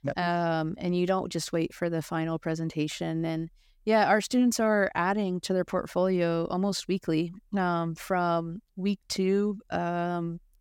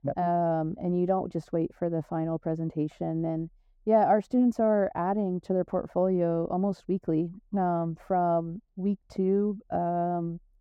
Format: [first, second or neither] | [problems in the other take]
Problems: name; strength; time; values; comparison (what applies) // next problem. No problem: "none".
first | muffled; very; fading above 1.5 kHz